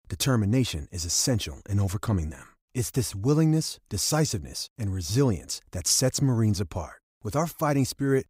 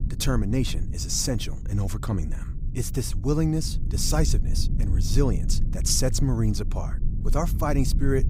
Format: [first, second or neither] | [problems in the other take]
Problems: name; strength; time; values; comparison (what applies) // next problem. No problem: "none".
first | low rumble; noticeable; throughout; 15 dB below the speech